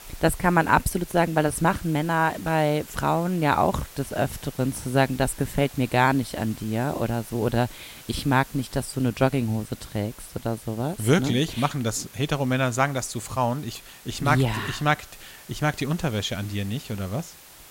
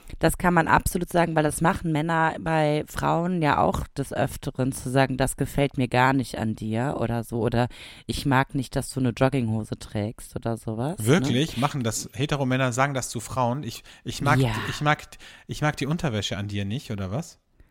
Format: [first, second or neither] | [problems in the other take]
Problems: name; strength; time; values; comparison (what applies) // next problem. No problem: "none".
second | hiss; noticeable; throughout; 20 dB below the speech